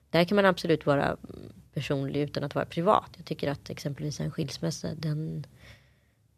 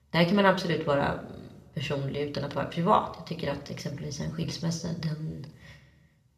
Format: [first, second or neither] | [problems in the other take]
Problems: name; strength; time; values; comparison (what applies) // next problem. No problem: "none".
first | room echo; slight; dies away in 0.5 s